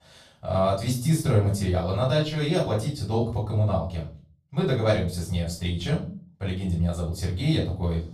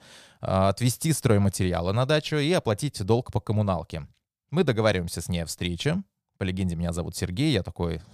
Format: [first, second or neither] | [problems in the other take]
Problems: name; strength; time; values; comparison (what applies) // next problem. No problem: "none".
second | room echo; slight; dies away in 0.4 s // off-mic speech; far